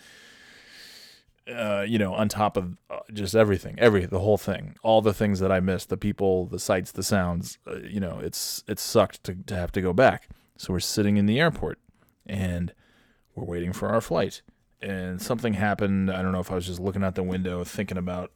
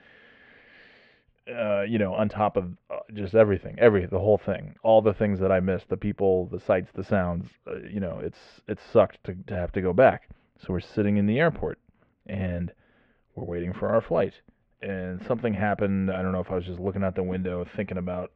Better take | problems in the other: first | muffled; very; fading above 2.5 kHz

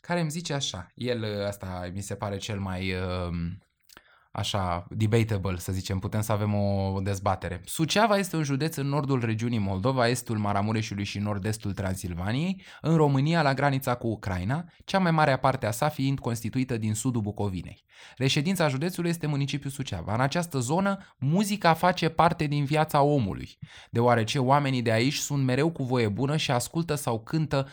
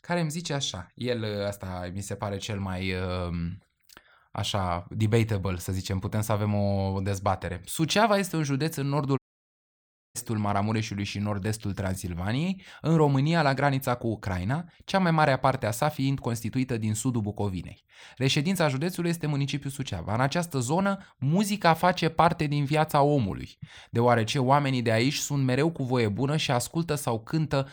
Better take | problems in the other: first | audio cutting out; at 9 s for 1 s

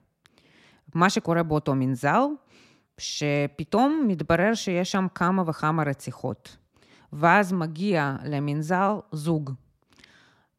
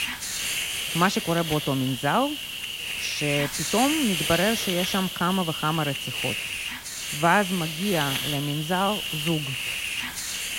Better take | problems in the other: first | hiss; loud; throughout; 2 dB below the speech

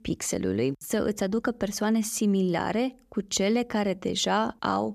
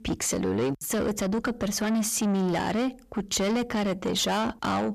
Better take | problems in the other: first | distortion; heavy; 8 dB below the speech

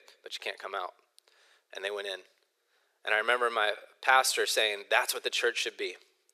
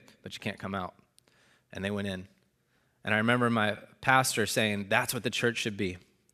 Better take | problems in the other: second | thin; very; fading below 400 Hz

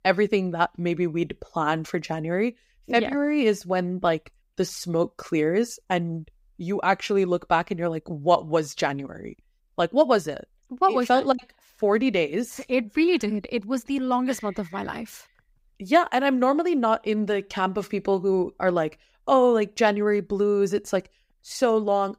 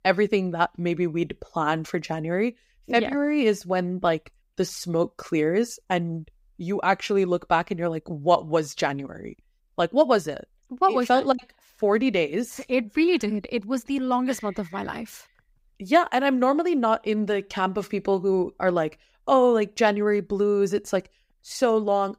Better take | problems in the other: neither | none

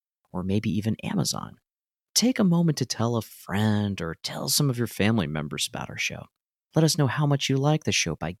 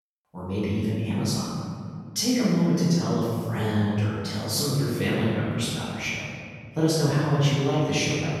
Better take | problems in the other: first | room echo; strong; dies away in 2 s // off-mic speech; far

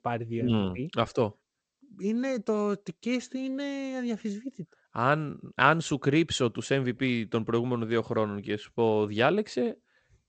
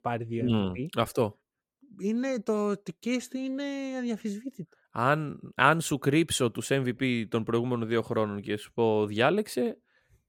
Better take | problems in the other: second | garbled, watery; slightly; nothing above 8 kHz

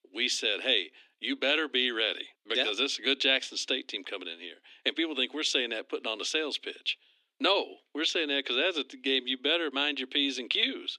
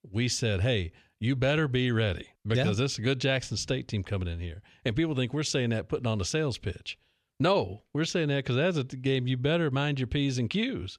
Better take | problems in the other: second | thin; somewhat; fading below 250 Hz

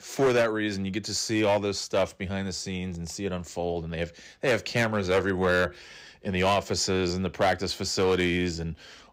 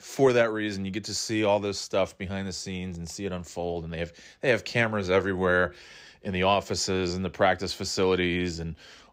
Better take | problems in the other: second | distortion; slight; 4% of the sound clipped

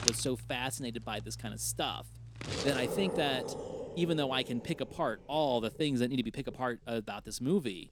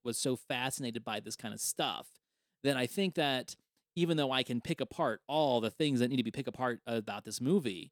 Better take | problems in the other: second | household noises; loud; throughout; 7 dB below the speech

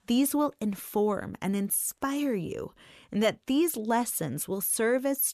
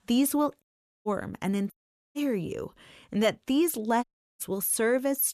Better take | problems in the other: first | audio cutting out; at 0.5 s, at 1.5 s and at 4 s

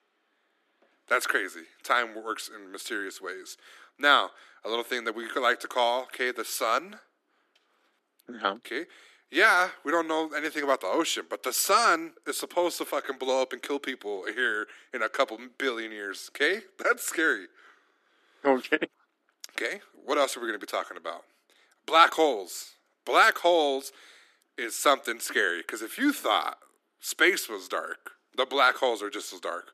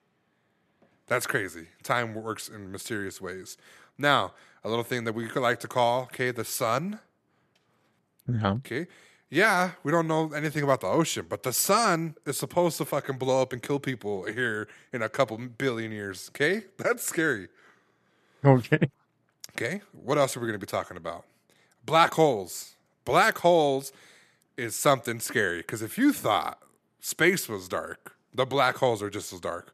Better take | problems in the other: second | thin; somewhat; fading below 250 Hz

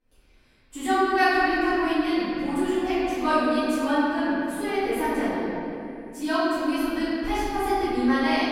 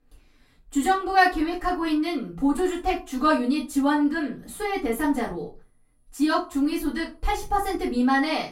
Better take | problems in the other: second | room echo; strong; dies away in 2.7 s; slight in the second // off-mic speech; far; far in the second

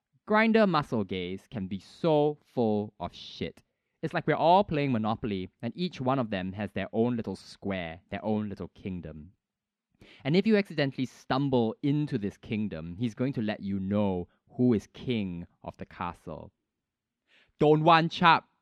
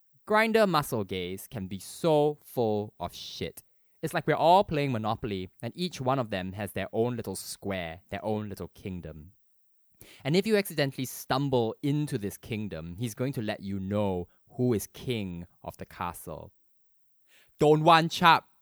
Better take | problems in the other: second | muffled; very slightly; fading above 3.5 kHz

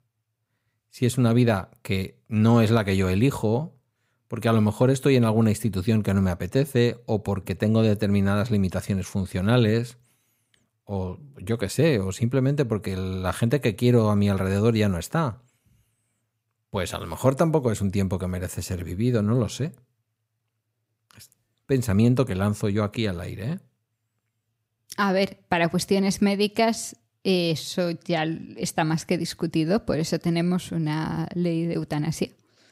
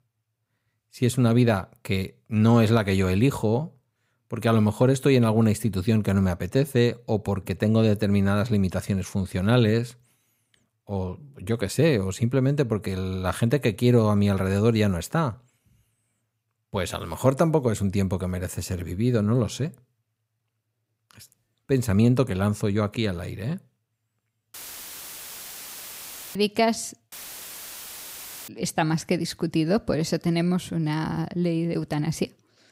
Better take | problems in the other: first | audio cutting out; filled with static; at 25 s for 2 s and at 27 s for 1.5 s

